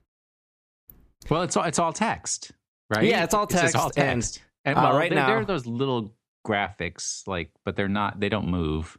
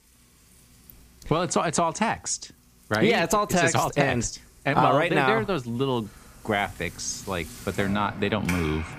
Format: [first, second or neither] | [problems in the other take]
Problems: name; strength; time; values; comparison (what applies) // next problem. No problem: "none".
first | household noises; noticeable; throughout; 15 dB below the speech